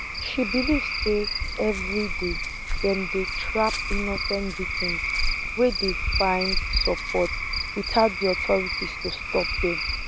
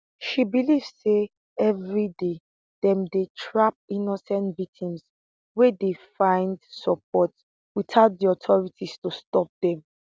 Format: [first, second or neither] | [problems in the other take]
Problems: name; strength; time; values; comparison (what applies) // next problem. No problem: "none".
second | background sound (Cricket / Frog); as loud as the speech